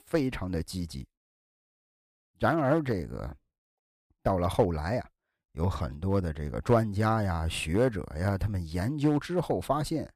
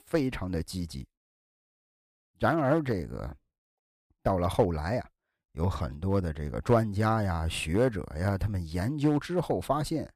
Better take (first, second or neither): neither